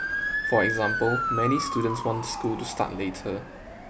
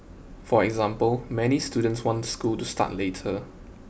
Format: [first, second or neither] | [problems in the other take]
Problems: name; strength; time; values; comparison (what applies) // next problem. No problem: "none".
second | background sound (Motor vehicle (road) / Siren); 2 dB below the speech